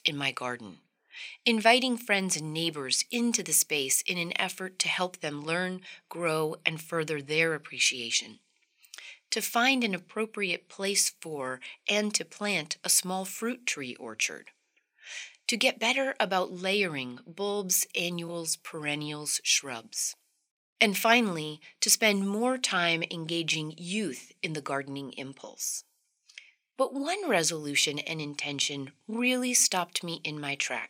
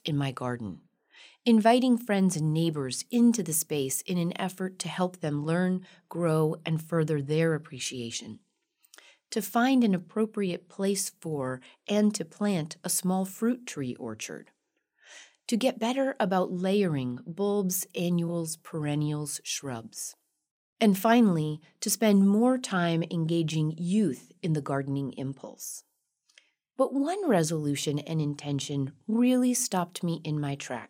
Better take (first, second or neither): second